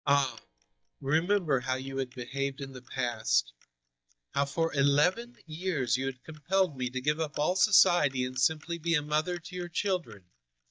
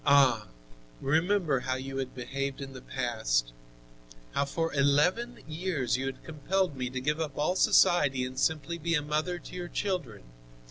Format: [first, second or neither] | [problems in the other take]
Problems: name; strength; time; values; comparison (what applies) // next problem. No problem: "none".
second | noise reduction (neural mask model DeepFilterNet 3)